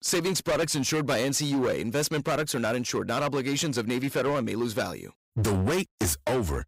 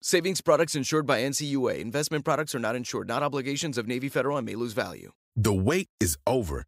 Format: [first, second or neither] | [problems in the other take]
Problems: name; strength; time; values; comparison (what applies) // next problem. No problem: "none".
second | distortion; heavy; 20% of the sound clipped